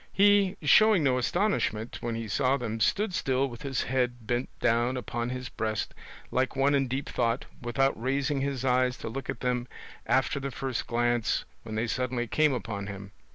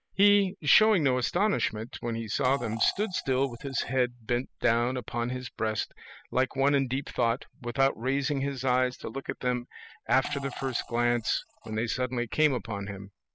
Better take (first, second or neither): first